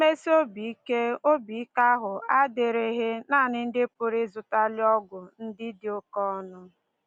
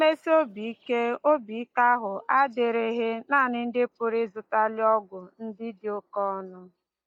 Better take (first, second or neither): first